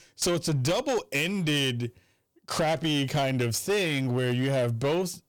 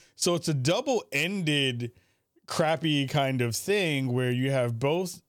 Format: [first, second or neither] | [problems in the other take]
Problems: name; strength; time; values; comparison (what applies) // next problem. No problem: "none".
second | distortion; slight; 16% of the sound clipped